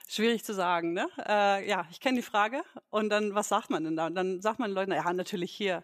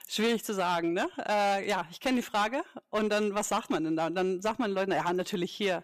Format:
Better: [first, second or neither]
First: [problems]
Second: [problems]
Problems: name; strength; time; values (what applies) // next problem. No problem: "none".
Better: first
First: none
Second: distortion; slight; 8% of the sound clipped